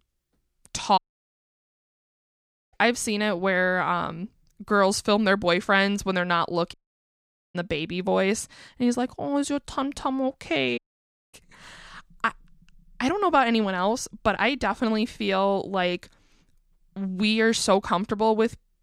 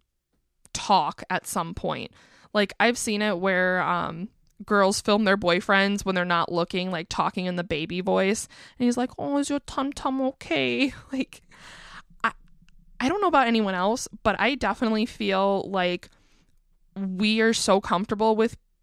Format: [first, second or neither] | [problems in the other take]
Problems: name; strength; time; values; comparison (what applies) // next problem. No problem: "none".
second | audio cutting out; at 1 s for 2 s, at 6.5 s for 1 s and at 11 s for 0.5 s